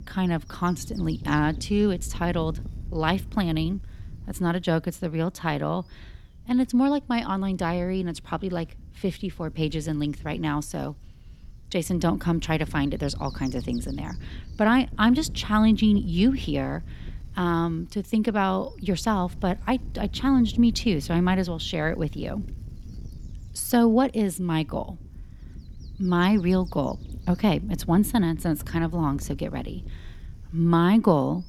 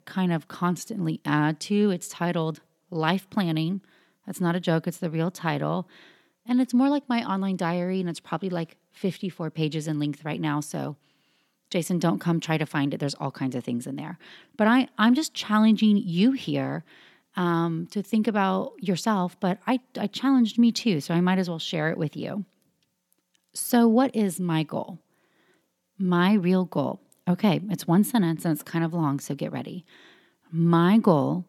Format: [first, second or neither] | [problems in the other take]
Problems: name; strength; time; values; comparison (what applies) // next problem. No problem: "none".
second | wind noise on the microphone; occasional gusts; 25 dB below the speech